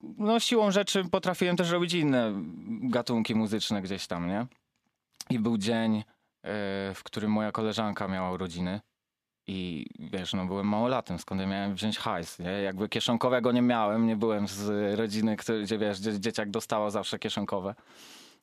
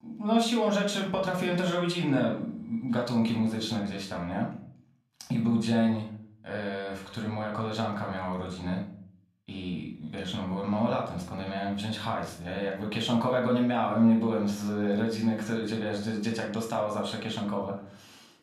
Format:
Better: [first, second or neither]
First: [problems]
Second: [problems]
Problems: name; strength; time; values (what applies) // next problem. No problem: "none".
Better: first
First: none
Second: off-mic speech; somewhat distant // room echo; slight; dies away in 0.5 s